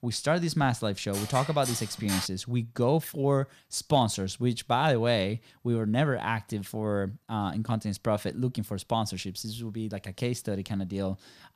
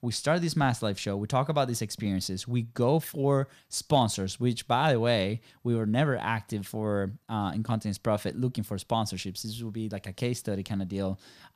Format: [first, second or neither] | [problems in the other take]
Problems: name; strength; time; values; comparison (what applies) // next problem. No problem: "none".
second | clattering dishes; noticeable; from 1 to 2.5 s; peak 4 dB below the speech